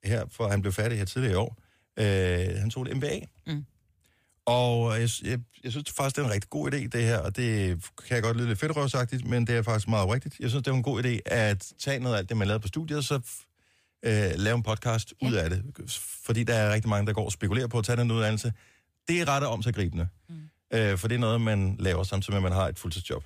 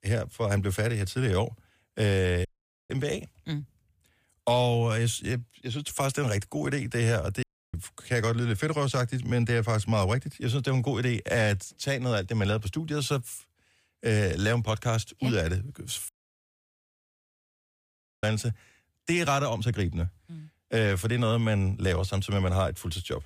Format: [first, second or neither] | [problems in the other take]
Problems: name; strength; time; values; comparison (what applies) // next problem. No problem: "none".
first | audio cutting out; at 2.5 s, at 7.5 s and at 16 s for 2 s